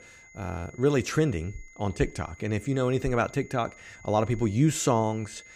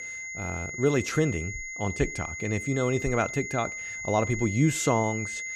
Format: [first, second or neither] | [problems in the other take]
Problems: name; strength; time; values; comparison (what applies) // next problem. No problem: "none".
first | high-pitched whine; loud; throughout; 2 kHz, 6 dB below the speech; faint in the first